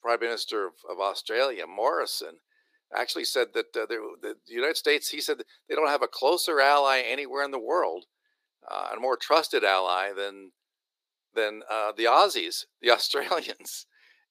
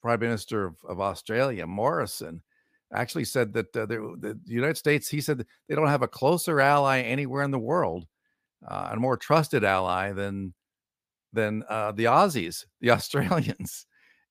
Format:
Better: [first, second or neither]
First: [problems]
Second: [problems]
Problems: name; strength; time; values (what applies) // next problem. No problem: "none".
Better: second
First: thin; very; fading below 350 Hz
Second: none